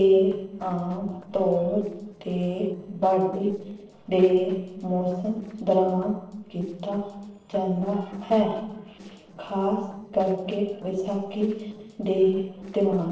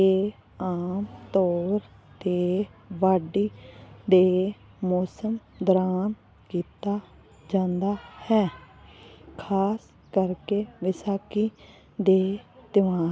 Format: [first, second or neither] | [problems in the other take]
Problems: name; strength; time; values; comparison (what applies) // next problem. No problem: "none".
second | noise reduction (neural separator model SepFormer DNS4)